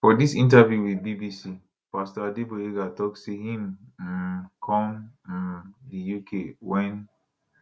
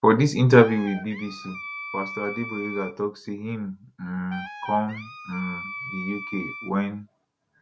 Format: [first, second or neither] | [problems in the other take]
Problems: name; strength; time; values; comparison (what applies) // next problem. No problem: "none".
first | background sound (Wind instrument, woodwind instrument); 12 dB below the speech